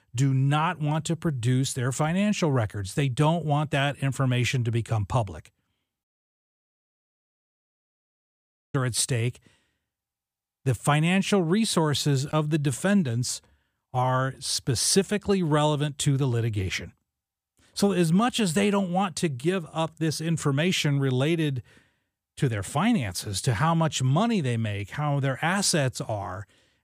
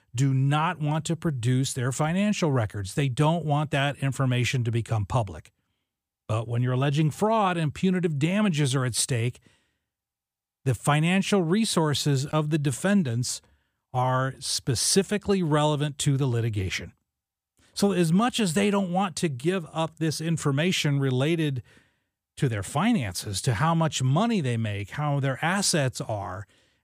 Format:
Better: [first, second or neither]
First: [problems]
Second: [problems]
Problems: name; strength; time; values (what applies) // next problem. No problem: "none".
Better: second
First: audio cutting out; at 6 s for 2.5 s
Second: none